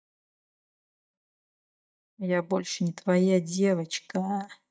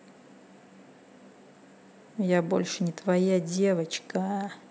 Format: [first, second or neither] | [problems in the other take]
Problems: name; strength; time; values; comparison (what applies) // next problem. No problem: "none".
second | noise reduction (neural mask model DeepFilterNet 3)